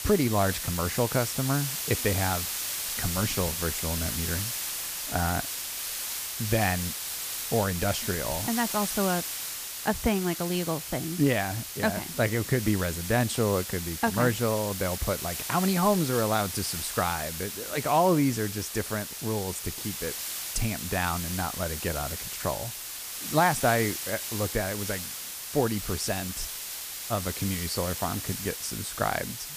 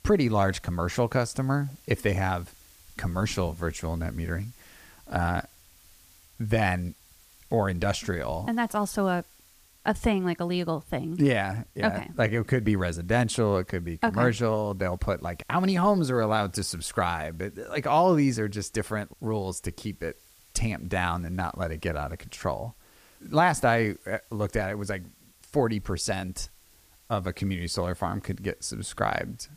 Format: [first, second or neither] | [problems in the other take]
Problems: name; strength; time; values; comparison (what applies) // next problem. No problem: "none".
second | hiss; loud; throughout; 3 dB below the speech; faint in the second